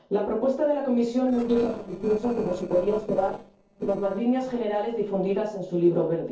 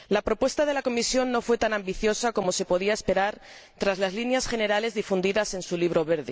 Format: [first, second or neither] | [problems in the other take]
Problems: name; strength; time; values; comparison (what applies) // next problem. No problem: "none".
second | noise reduction (neural separator model SepFormer DNS4)